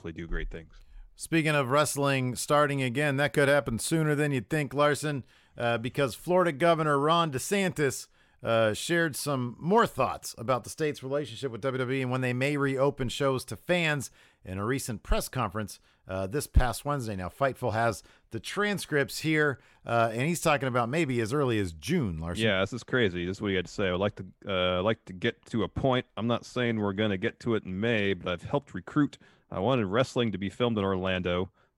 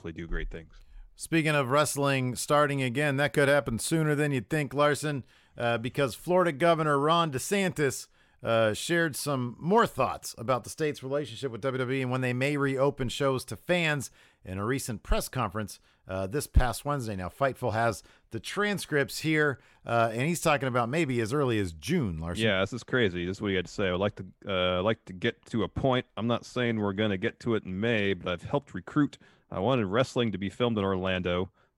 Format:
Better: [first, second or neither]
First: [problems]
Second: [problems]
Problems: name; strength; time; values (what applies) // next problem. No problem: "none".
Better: neither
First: none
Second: none